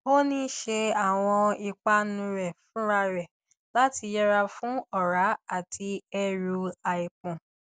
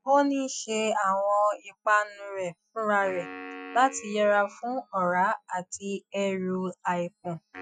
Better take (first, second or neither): first